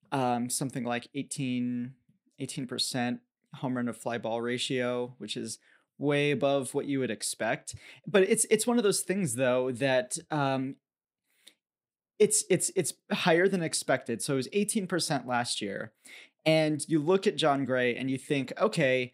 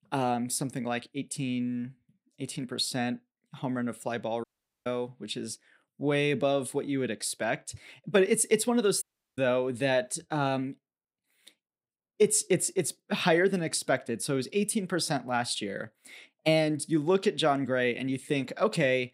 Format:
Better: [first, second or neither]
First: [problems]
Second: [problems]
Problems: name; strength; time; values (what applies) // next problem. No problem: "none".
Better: first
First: none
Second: audio cutting out; at 4.5 s and at 9 s